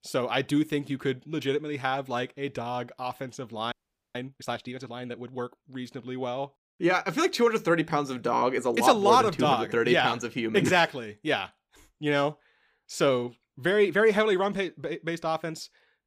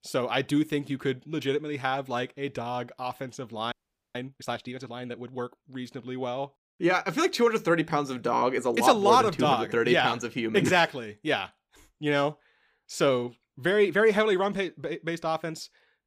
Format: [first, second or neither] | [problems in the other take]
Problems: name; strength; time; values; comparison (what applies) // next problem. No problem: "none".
neither | audio freezing; at 3.5 s; the same in both